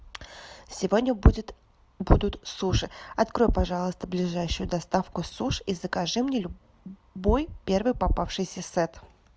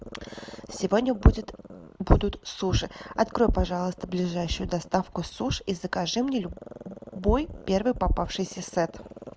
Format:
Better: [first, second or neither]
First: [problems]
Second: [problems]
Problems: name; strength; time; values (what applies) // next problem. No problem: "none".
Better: first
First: none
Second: background sound (Growling); 20 dB below the speech